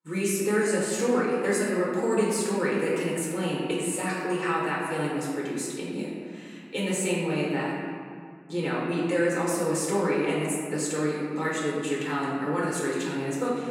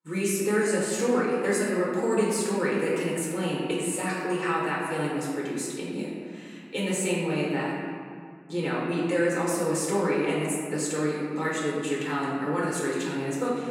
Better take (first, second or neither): neither